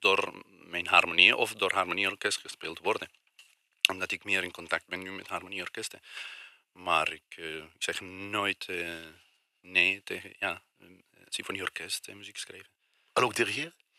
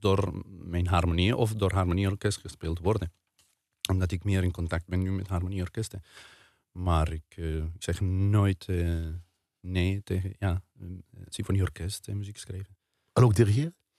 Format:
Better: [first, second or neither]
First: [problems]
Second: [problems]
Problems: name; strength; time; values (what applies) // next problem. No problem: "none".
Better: second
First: thin; very; fading below 500 Hz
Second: none